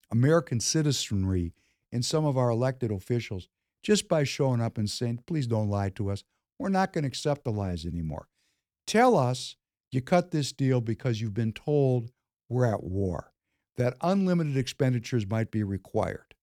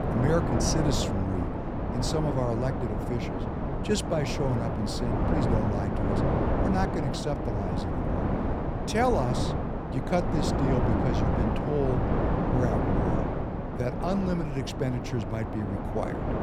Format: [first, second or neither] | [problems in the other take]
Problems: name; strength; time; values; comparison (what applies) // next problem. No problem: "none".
first | wind noise on the microphone; heavy; 1 dB above the speech